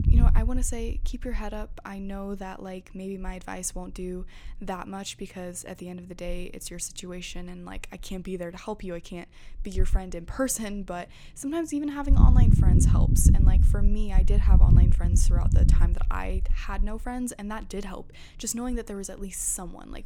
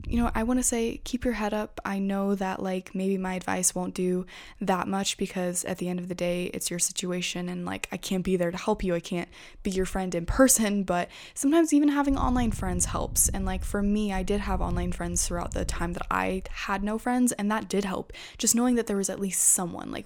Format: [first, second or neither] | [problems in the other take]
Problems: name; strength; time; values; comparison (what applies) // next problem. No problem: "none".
second | low rumble; loud; throughout; 2 dB below the speech; faint in the second